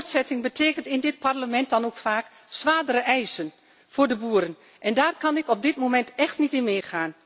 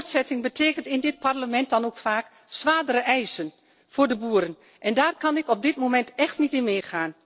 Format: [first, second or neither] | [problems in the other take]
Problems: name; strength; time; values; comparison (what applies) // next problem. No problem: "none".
first | noise reduction (neural separator model SepFormer DNS4)